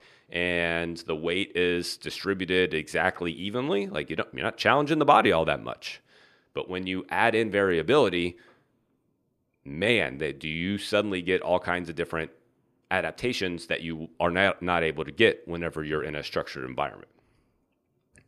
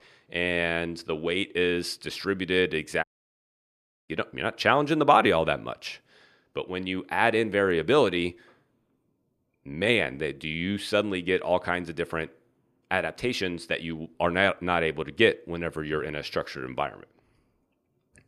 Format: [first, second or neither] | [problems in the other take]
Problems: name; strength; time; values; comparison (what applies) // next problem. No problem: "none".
first | audio cutting out; at 3 s for 1 s